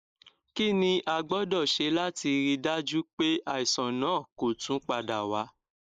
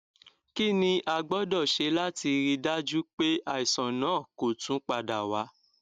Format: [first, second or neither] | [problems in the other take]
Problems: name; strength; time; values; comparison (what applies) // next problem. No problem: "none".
second | noise reduction (neural mask model Resemble Enhance denoiser)